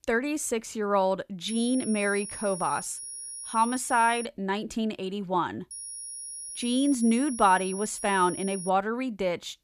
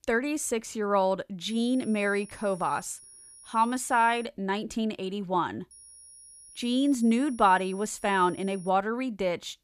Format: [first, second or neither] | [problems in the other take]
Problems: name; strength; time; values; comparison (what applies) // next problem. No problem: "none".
second | high-pitched whine; loud; from 1.5 to 4.5 s and from 5.5 to 8.5 s; 10.5 kHz, 9 dB below the speech; faint in the second